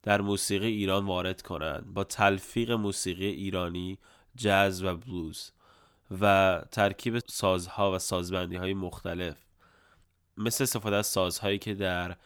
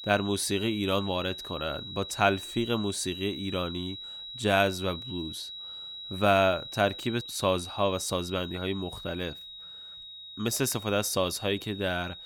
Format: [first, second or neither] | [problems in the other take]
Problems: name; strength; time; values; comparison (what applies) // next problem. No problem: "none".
first | high-pitched whine; noticeable; throughout; 4 kHz, 10 dB below the speech